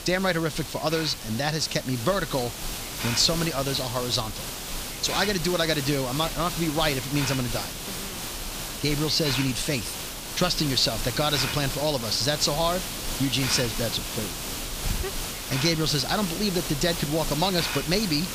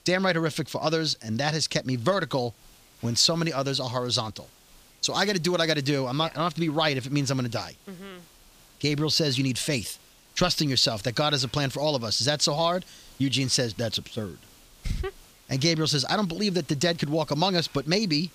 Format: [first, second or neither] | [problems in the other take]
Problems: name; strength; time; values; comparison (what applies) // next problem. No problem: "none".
second | hiss; loud; throughout; 5 dB below the speech; faint in the second